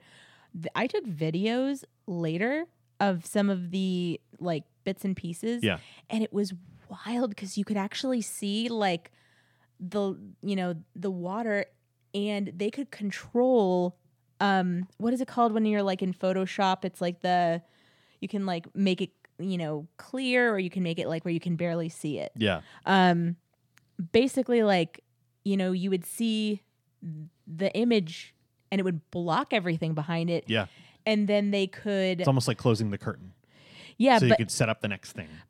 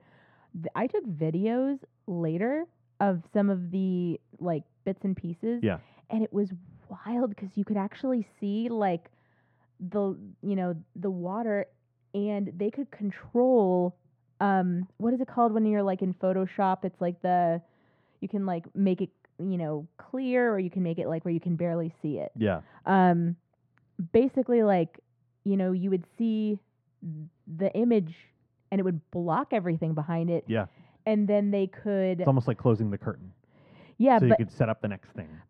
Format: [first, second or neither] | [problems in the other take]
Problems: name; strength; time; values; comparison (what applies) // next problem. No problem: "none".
first | muffled; very; fading above 3.5 kHz